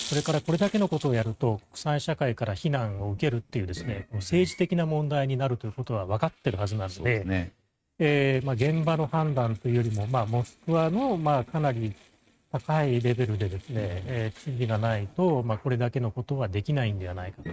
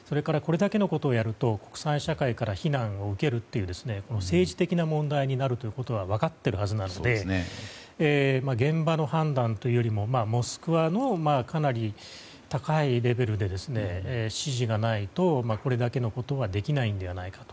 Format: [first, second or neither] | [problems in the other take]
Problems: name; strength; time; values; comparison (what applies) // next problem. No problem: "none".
second | noise reduction (neural mask model RNNoise)